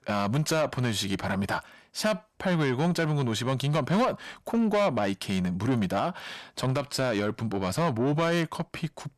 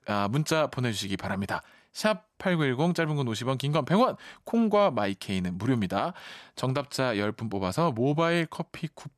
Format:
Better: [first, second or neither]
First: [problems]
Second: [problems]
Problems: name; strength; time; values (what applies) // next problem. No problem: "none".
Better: second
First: distortion; slight; 10 dB below the speech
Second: none